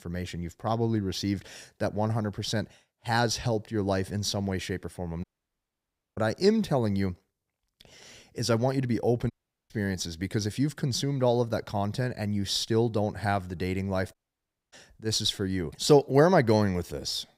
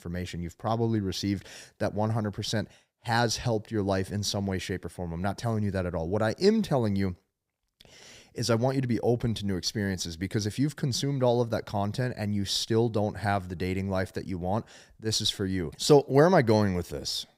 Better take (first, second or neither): second